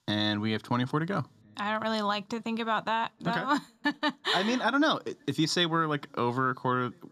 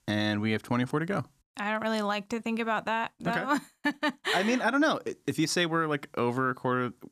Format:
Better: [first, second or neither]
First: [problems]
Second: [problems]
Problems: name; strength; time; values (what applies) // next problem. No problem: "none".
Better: second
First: room echo; slight; dies away in 3 s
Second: none